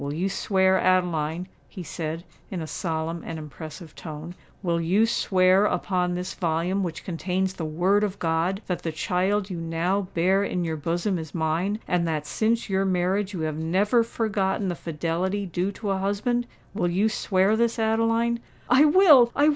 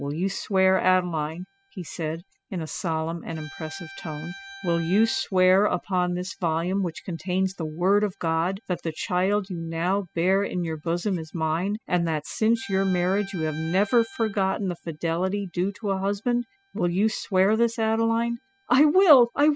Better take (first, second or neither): first